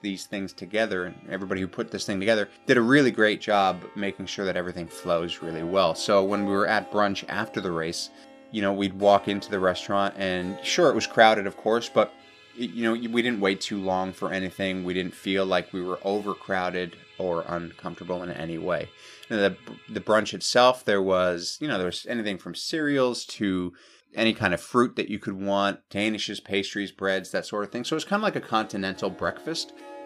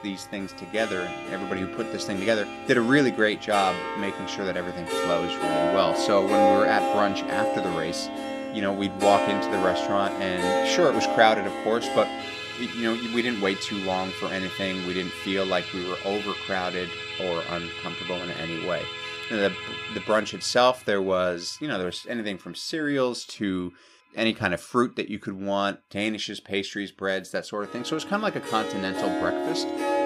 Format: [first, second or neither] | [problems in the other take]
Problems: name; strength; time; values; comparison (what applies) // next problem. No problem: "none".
first | background music; loud; throughout; 3 dB below the speech; faint in the first